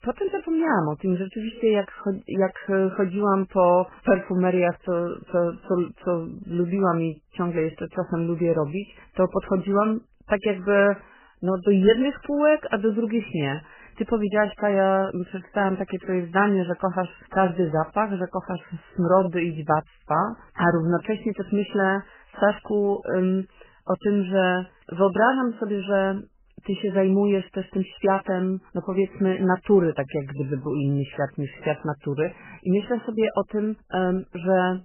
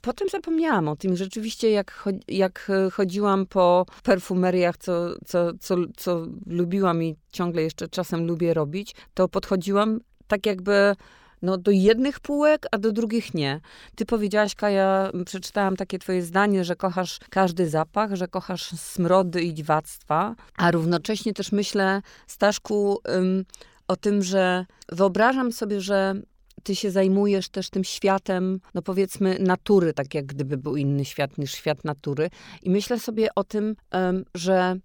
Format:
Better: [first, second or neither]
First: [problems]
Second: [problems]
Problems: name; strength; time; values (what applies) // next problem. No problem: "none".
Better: second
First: garbled, watery; badly; nothing above 3 kHz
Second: none